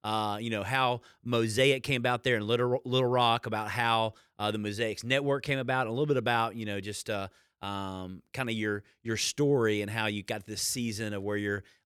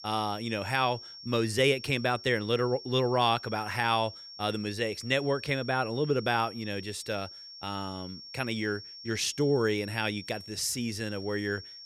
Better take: first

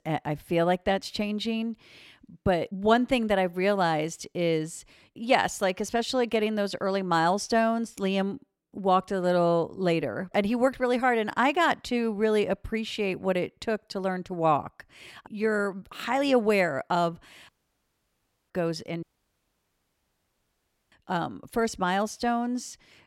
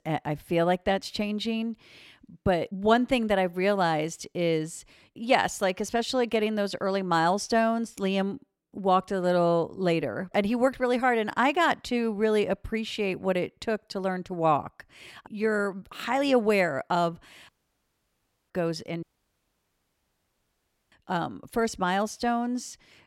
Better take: neither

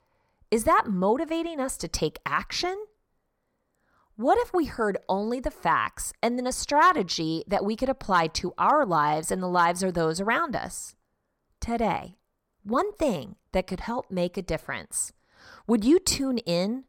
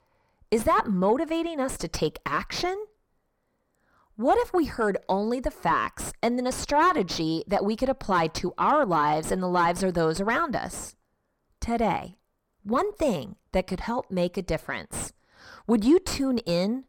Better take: first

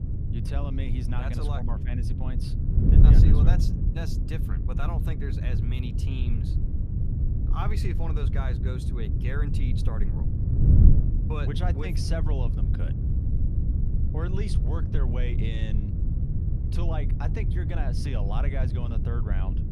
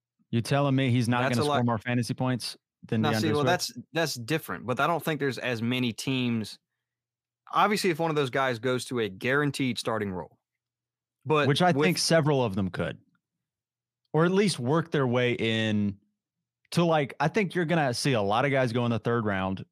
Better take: second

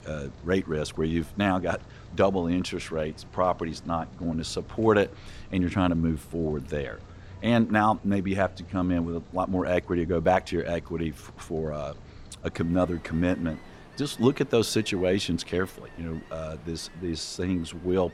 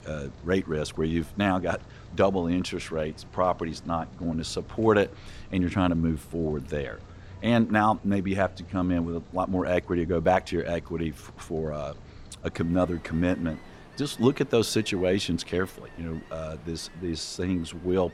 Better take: neither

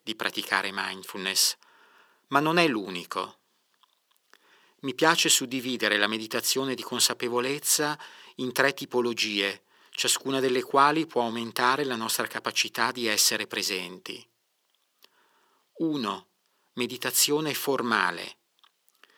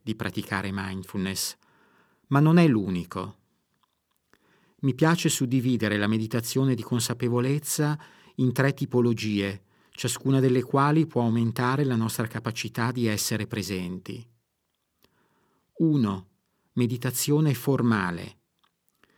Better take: second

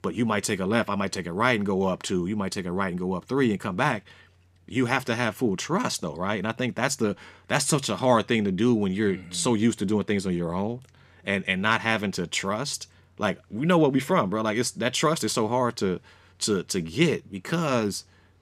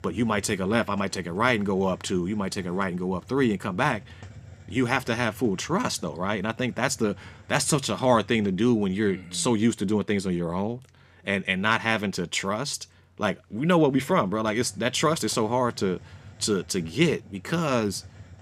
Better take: first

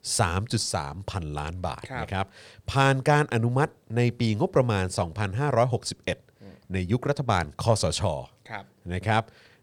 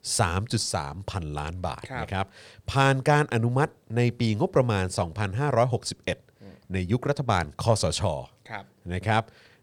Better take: neither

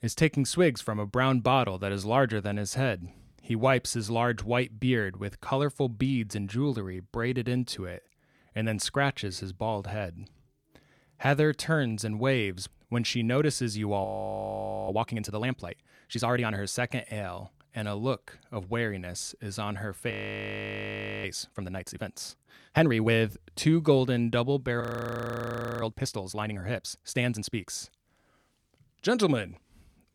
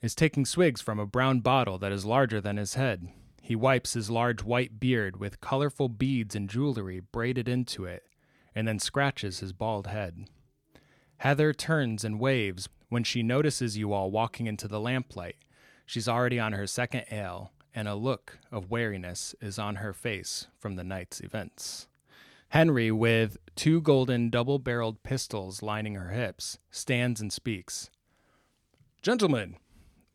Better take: second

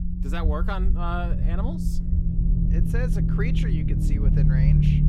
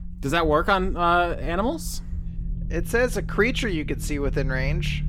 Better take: second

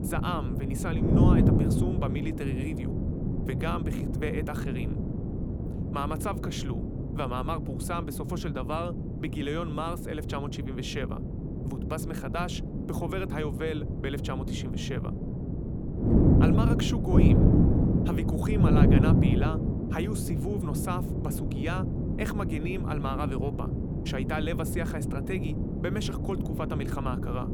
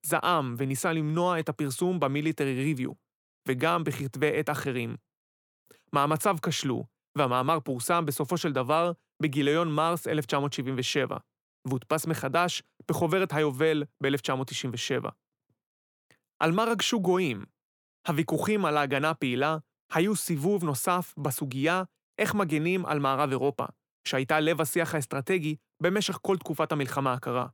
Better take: second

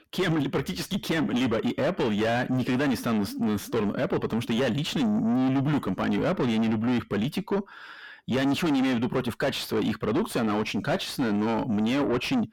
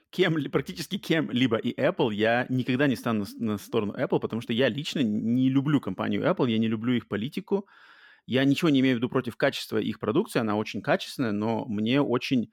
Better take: second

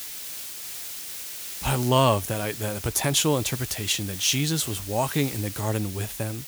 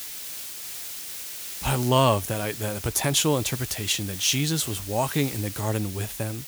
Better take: neither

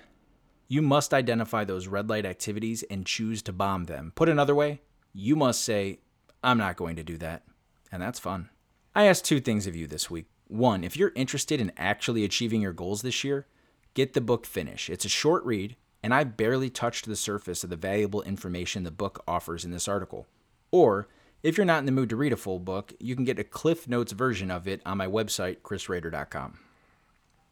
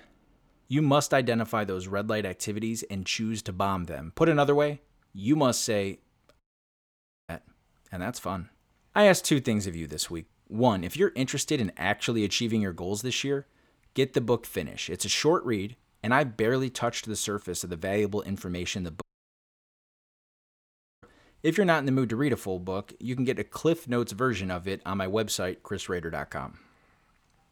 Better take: first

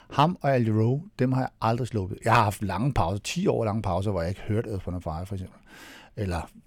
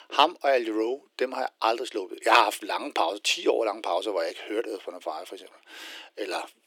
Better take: first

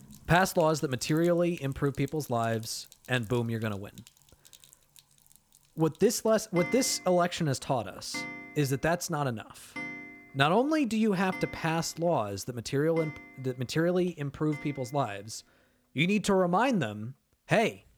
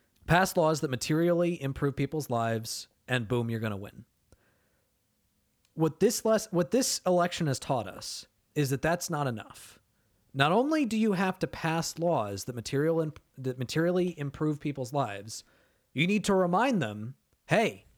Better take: second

